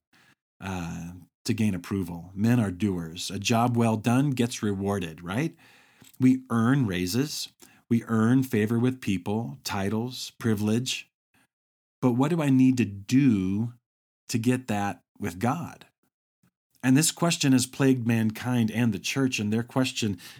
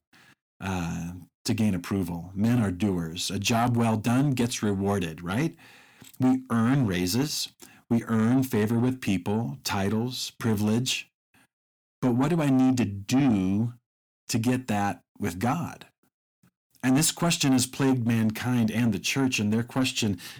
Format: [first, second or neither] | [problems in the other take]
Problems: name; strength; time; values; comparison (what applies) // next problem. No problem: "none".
first | distortion; slight; 10 dB below the speech